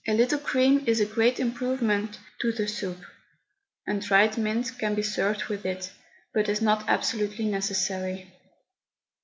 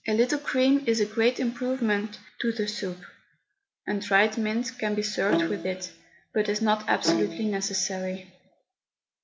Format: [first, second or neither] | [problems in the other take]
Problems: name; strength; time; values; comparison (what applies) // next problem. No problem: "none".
first | background sound (Bowed string instrument); 5 dB below the speech